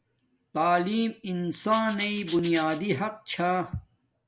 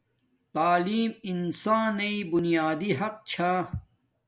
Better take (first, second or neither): second